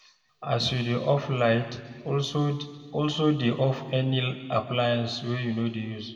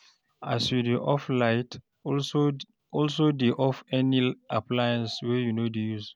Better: second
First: room echo; dies away in 1.6 s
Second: none

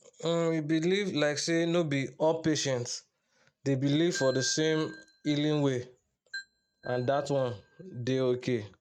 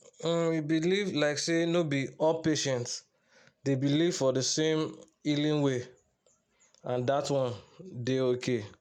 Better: second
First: noise reduction (neural mask model RNNoise)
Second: none

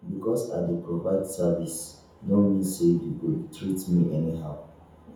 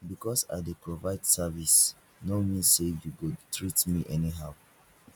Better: second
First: room echo; dies away in 0.7 s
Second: none

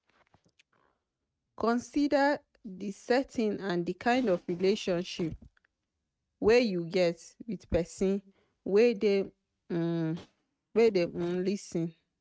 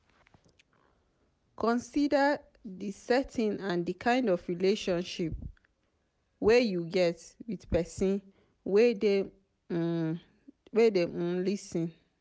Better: second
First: noise reduction (neural mask model RNNoise)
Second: none

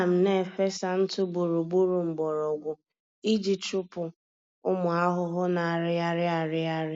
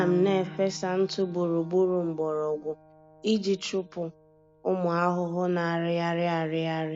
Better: first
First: none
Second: background sound (Piano); 18 dB below the speech

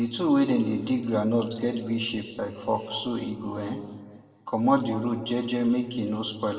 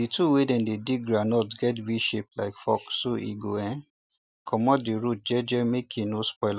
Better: second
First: room echo; dies away in 1.7 s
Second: none

